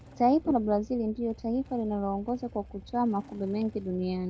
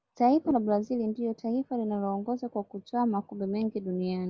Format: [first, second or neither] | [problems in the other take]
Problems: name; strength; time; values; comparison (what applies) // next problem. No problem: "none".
second | background sound (Engine starting / Motorcycle); 20 dB below the speech